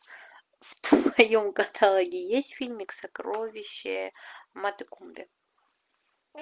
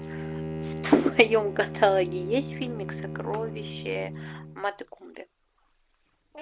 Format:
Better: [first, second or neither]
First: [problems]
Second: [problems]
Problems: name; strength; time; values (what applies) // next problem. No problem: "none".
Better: first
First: none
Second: background sound (Bowed string instrument); 9 dB below the speech